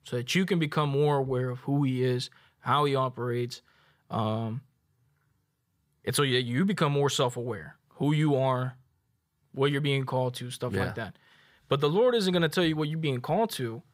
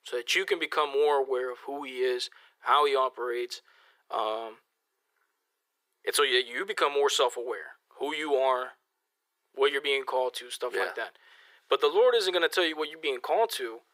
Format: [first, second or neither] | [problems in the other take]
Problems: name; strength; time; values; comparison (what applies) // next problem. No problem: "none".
first | thin; very; fading below 400 Hz